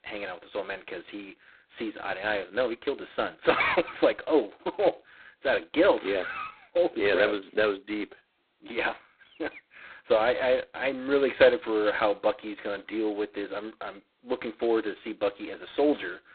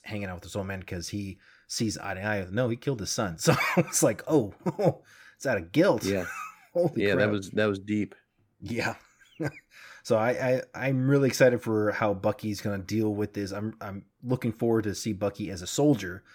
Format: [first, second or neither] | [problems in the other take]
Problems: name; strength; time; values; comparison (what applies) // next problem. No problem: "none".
second | phone-call audio; poor line; nothing above 4 kHz